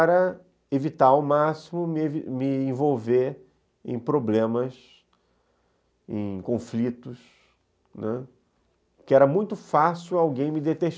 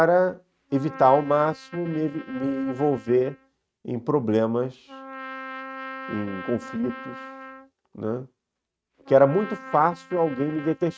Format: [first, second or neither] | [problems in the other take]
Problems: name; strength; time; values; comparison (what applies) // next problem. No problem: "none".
first | noise reduction (neural mask model RNNoise)